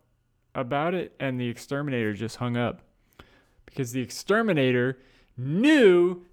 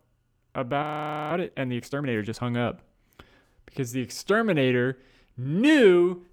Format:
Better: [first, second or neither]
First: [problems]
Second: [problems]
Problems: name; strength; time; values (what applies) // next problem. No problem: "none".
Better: first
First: none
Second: audio freezing; at 1 s